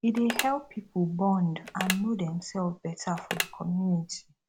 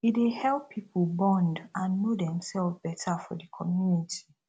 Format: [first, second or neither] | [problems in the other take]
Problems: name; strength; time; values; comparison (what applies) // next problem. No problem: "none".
second | background sound (Telephone); 10 dB below the speech